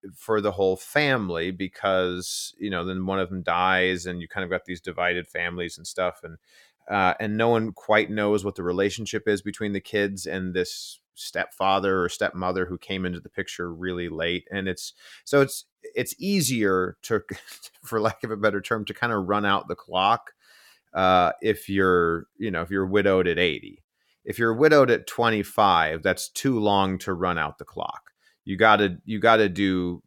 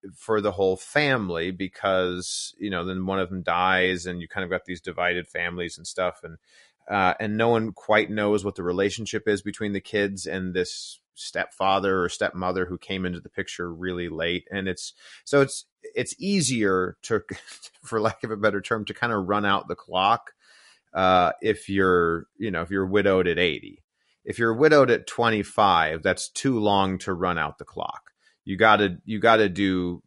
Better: first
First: none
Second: garbled, watery; slightly; nothing above 11 kHz

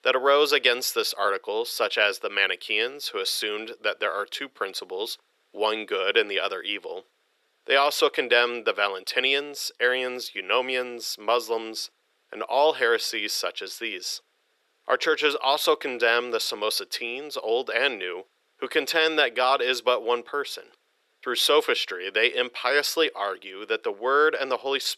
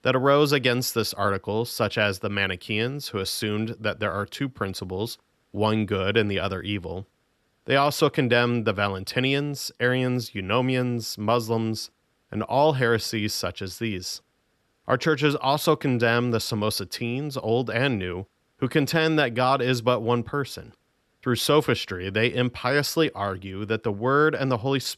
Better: second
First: thin; very; fading below 400 Hz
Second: none

